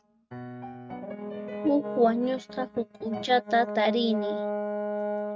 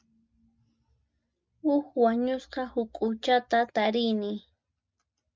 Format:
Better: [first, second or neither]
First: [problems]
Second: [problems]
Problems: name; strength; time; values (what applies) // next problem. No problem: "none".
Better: second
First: noise reduction (neural mask model RNNoise)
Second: none